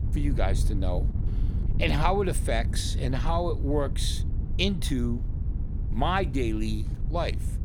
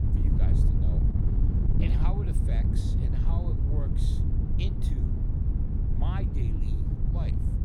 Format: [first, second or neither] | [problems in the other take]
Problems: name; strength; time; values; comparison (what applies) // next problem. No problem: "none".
first | wind noise on the microphone; heavy; 3 dB above the speech; occasional gusts in the first